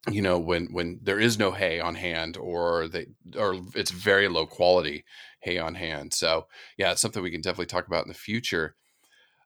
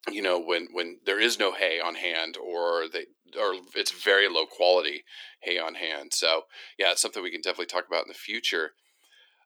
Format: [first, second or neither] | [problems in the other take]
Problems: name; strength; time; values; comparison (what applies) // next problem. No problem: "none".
first | thin; somewhat; fading below 300 Hz